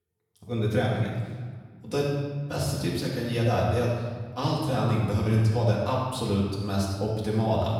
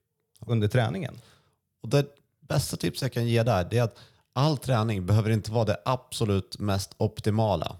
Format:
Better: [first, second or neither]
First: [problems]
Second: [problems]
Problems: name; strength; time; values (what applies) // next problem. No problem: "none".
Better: second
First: off-mic speech; far // room echo; noticeable; dies away in 1.3 s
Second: none